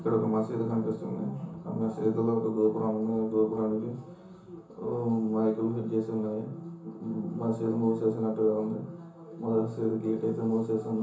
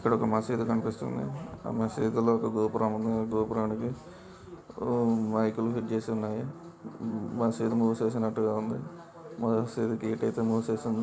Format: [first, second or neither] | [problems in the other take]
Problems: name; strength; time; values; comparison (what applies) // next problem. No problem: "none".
second | room echo; dies away in 0.7 s